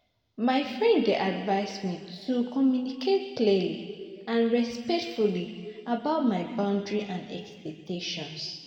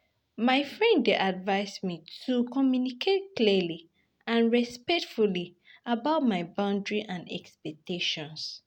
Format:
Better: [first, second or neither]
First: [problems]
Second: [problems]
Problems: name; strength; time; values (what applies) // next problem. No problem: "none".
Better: second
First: room echo; dies away in 1.8 s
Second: none